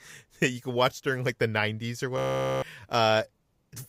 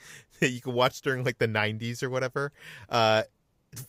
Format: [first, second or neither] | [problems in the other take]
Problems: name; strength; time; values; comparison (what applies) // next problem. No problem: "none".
second | audio freezing; at 2 s